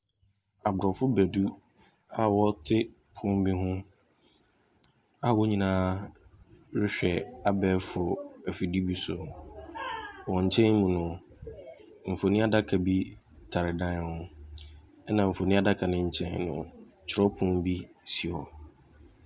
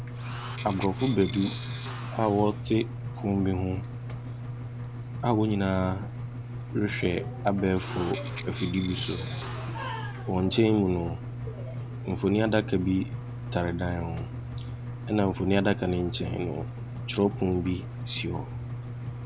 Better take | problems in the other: first | background sound (Engine + Tools); 6 dB below the speech

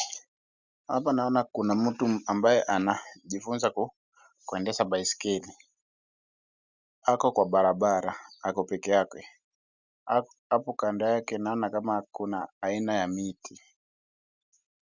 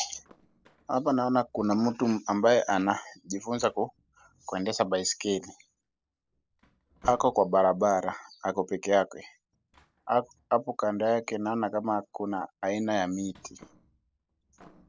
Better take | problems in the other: first | noise reduction (neural separator model SepFormer DNS4)

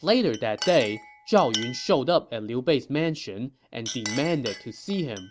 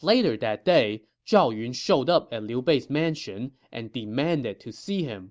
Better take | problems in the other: second | background sound (Chink, clink); 14 dB below the speech

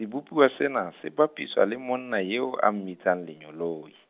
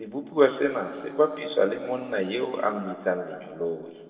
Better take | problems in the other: first | noise reduction (neural separator model SepFormer DNS4)

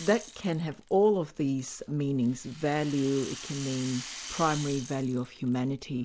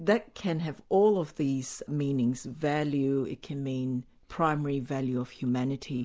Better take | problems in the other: second | background sound (Rattle); 16 dB below the speech

